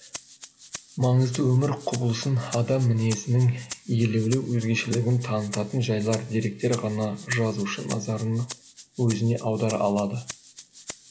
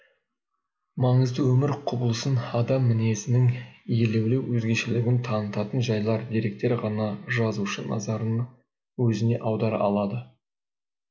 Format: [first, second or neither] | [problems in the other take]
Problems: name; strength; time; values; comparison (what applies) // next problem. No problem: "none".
second | background sound (Rattle (instrument)); 17 dB below the speech